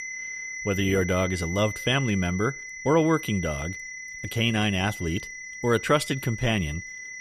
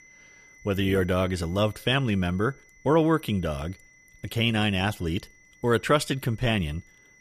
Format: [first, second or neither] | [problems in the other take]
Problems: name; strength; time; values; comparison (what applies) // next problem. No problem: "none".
second | high-pitched whine; loud; throughout; 2 kHz, 9 dB below the speech; faint in the second